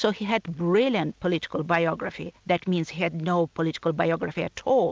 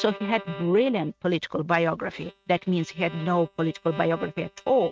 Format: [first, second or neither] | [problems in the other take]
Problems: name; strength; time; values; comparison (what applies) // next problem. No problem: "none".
first | noise reduction (neural mask model RNNoise)